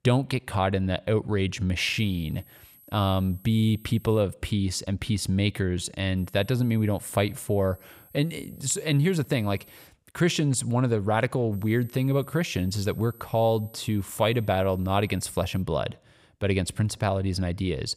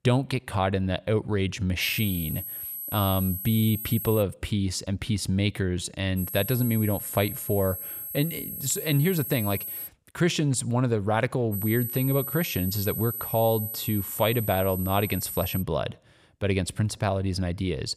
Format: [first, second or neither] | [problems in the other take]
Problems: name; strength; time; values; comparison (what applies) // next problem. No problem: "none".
first | high-pitched whine; loud; from 2 to 4 s, from 6 to 10 s and from 12 to 16 s; 11.5 kHz, 6 dB below the speech; faint in the first